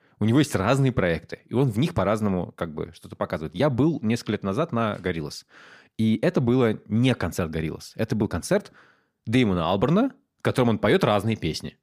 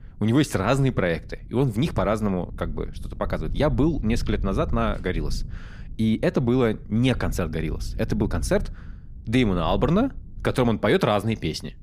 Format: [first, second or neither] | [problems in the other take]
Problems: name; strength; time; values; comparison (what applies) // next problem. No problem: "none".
first | low rumble; faint; throughout; 25 dB below the speech